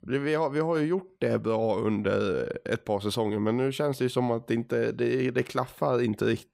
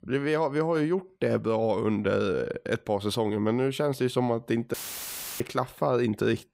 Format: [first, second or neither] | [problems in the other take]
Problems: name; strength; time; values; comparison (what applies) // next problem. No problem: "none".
first | audio cutting out; filled with static; at 4.5 s for 0.5 s